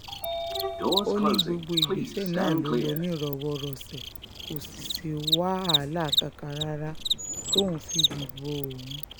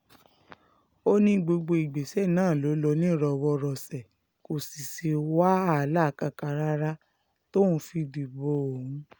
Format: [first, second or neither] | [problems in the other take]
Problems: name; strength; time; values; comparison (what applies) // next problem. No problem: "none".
second | background sound (Cricket + Sliding door / Train); 1 dB above the speech